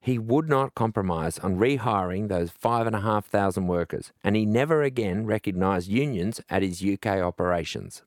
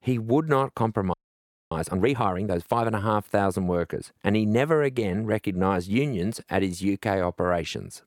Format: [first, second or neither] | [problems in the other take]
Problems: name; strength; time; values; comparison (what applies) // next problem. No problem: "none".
first | audio freezing; at 1 s for 0.5 s